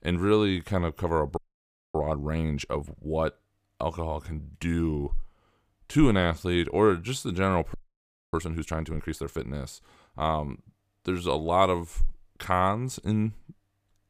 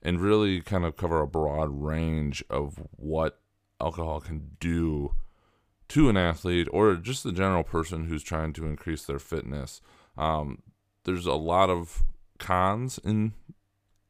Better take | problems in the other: second | audio freezing; at 1.5 s for 0.5 s and at 7.5 s for 0.5 s

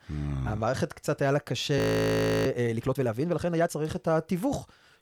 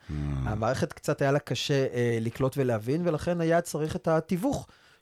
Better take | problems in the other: second | audio freezing; at 2 s for 0.5 s

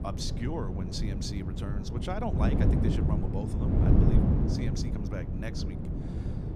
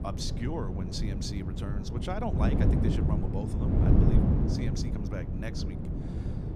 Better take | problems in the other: neither | wind noise on the microphone; heavy; 1 dB above the speech; the same in both

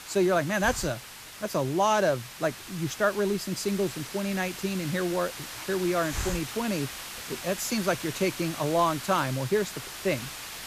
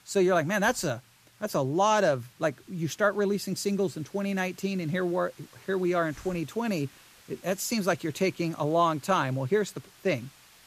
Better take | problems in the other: second | hiss; loud; throughout; 9 dB below the speech; faint in the second

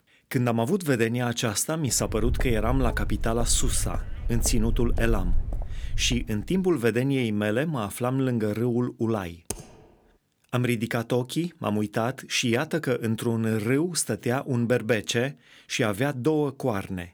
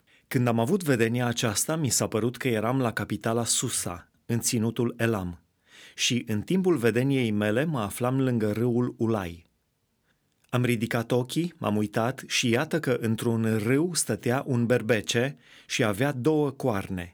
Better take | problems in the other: second | footsteps; noticeable; from 2 to 6.5 s; peak 4 dB below the speech // keyboard typing; faint; at 9.5 s; peak 10 dB below the speech

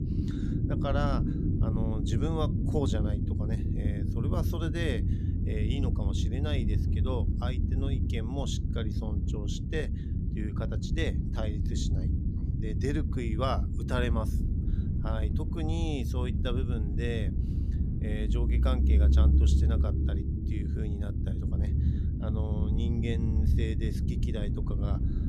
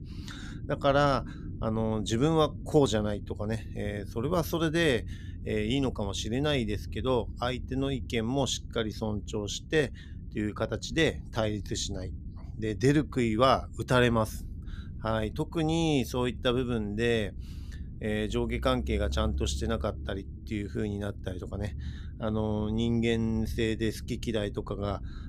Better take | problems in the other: second | low rumble; loud; throughout; 3 dB below the speech; faint in the second

